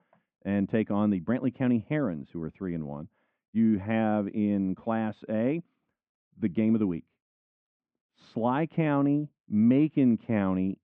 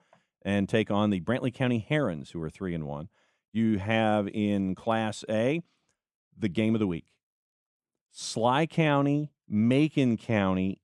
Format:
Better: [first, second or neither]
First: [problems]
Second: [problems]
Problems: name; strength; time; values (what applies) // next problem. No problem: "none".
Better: second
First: muffled; very; fading above 2 kHz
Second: none